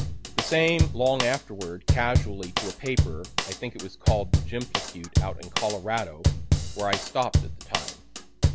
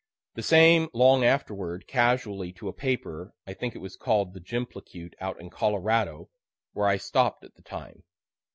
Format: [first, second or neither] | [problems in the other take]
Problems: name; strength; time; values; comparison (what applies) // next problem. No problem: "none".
second | background sound (Drum kit); 3 dB above the speech